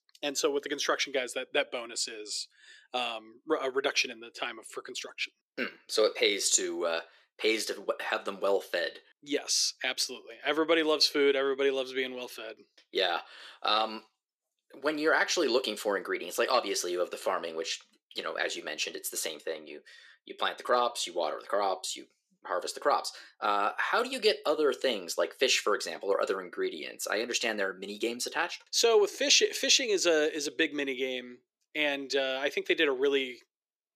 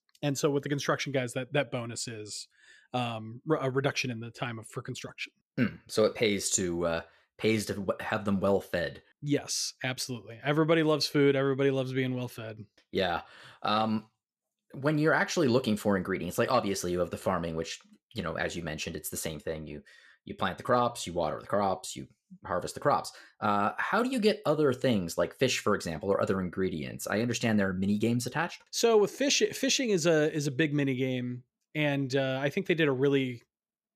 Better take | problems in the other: second | thin; somewhat; fading below 350 Hz

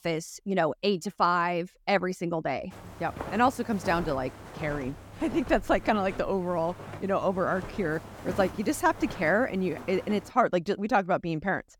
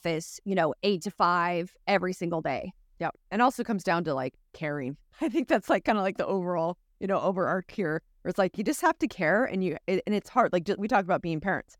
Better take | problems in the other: second | footsteps; noticeable; from 2.5 to 10 s; peak 9 dB below the speech

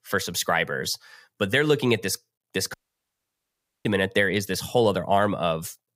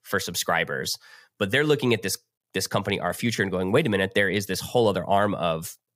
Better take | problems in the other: second | audio cutting out; at 2.5 s for 1 s

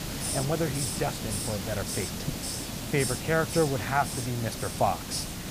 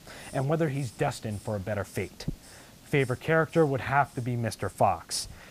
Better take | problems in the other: second | hiss; loud; throughout; 3 dB below the speech; faint in the second

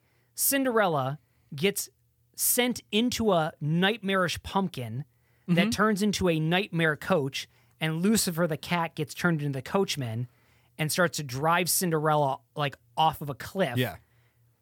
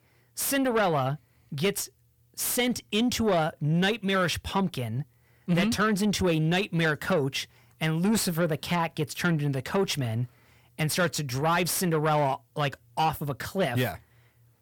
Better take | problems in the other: first | distortion; slight; 10 dB below the speech

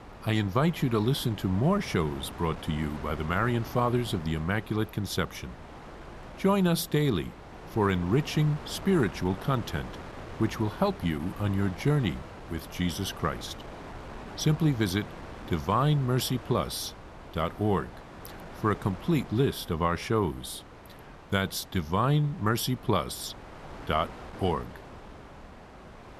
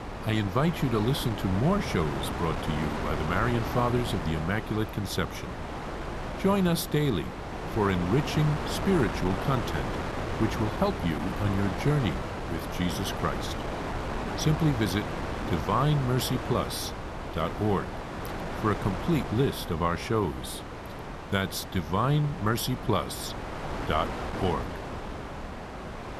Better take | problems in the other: first | wind noise on the microphone; heavy; 4 dB below the speech; occasional gusts in the first

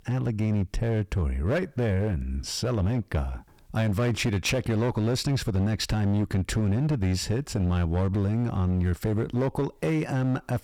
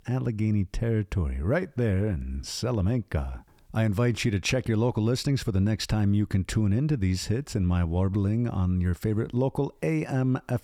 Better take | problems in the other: second | distortion; slight; 15% of the sound clipped

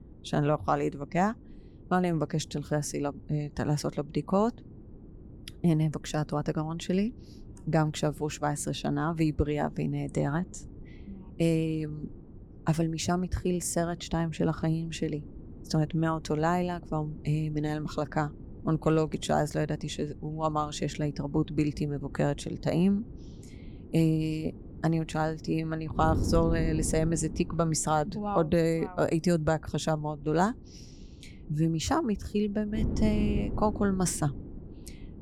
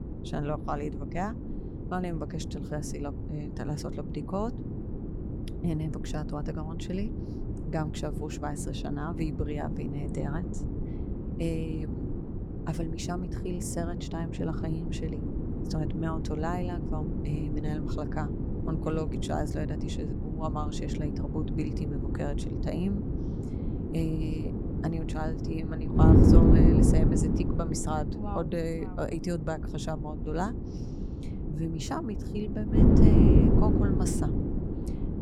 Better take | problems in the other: first | wind noise on the microphone; heavy; 1 dB above the speech; occasional gusts in the first

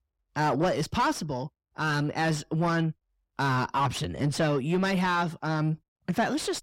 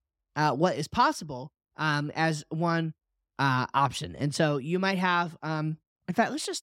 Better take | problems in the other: second | distortion; heavy; 7 dB below the speech

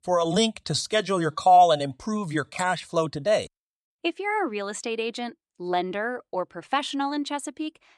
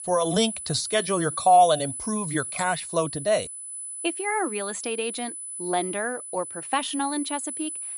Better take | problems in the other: first | high-pitched whine; loud; throughout; 10 kHz, 7 dB below the speech

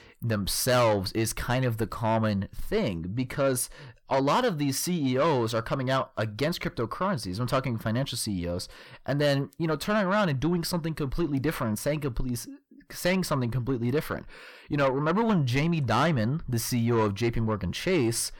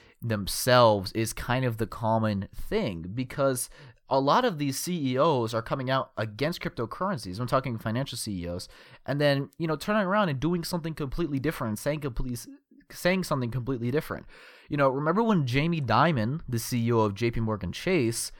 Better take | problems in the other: second | distortion; slight; 10 dB below the speech

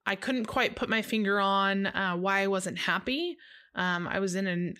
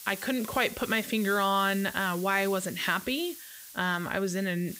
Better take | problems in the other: first | hiss; noticeable; throughout; 15 dB below the speech

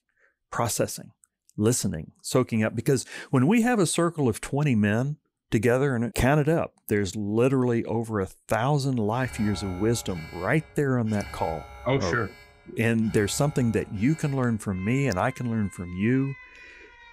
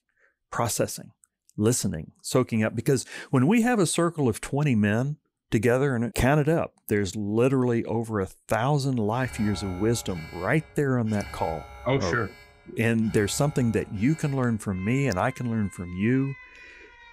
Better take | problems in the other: neither | alarms or sirens; noticeable; from 9 s on; 20 dB below the speech; the same in both

